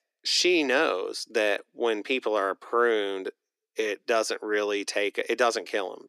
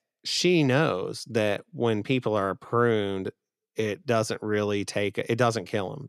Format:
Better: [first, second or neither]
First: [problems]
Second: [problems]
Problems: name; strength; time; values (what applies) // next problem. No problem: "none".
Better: second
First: thin; somewhat; fading below 300 Hz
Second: none